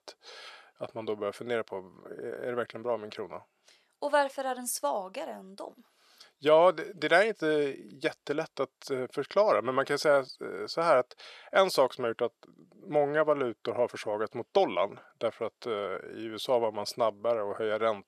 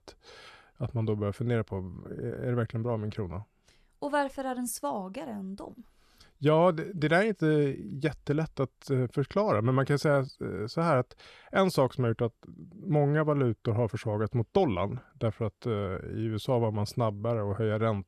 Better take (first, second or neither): second